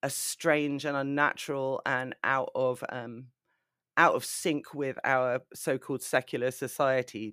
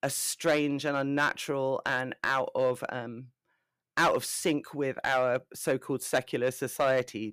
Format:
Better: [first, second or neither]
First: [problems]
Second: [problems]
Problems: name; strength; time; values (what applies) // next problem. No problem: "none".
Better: first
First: none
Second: distortion; slight; 2% of the sound clipped